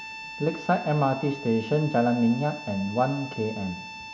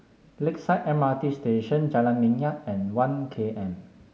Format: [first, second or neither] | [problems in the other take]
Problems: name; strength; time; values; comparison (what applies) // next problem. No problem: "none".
second | background sound (Harmonica); 14 dB below the speech